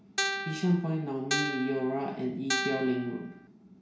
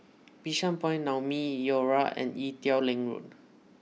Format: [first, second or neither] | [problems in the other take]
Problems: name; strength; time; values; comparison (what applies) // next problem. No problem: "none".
second | background sound (Guitar); 3 dB below the speech // room echo; dies away in 0.6 s